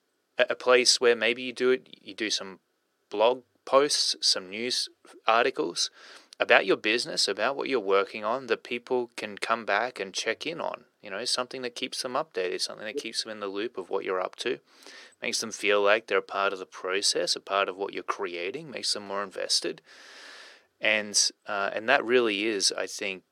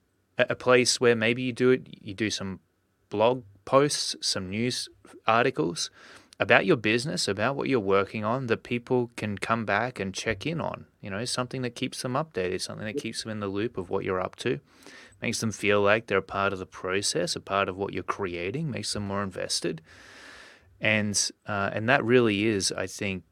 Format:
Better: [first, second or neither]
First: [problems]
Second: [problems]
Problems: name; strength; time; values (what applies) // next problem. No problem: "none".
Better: second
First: thin; somewhat; fading below 400 Hz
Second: none